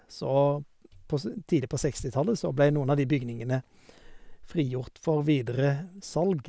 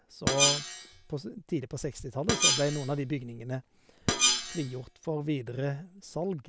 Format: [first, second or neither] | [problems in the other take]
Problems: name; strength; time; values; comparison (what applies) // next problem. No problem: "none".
first | background sound (Screech); 3 dB above the speech